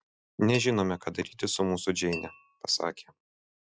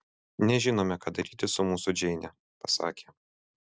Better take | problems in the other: second | noise reduction (classical method log-MMSE)

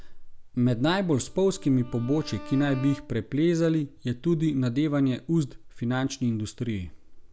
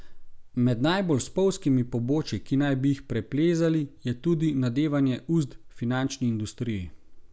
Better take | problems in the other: second | background sound (Bowed string instrument); 20 dB below the speech

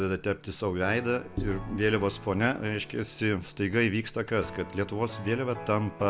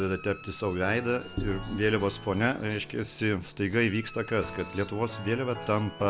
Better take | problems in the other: first | background sound (Writing + Squeak); 20 dB below the speech

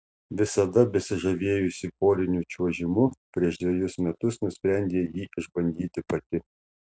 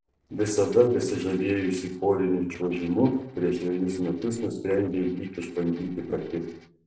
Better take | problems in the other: first | noise reduction (neural separator model SepFormer DNS4)

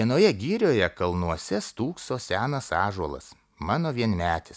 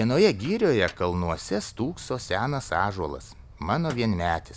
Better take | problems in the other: first | background sound (Wind + Microwave oven); 19 dB below the speech

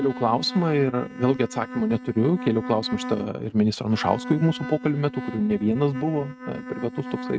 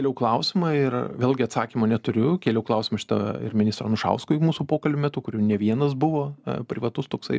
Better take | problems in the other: second | noise reduction (neural mask model RNNoise)

